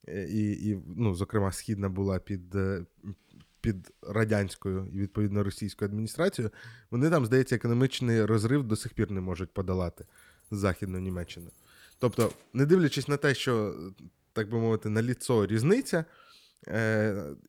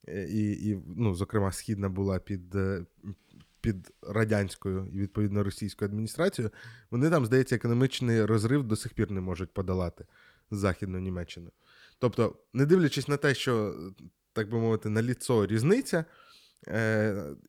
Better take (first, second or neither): second